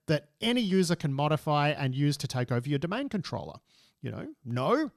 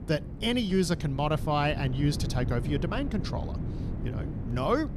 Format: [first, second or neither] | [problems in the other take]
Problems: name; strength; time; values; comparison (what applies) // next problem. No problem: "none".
first | wind noise on the microphone; occasional gusts; 15 dB below the speech